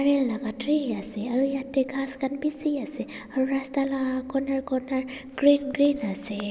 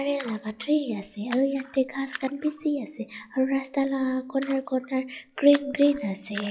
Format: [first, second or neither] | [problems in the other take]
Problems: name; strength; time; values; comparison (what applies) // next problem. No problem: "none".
first | noise reduction (classical method log-MMSE)